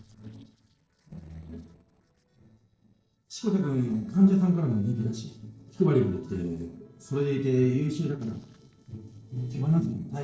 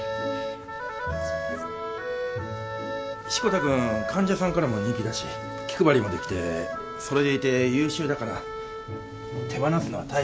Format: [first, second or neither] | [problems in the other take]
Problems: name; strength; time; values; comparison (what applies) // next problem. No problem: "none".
second | noise reduction (neural separator model SepFormer DNS4)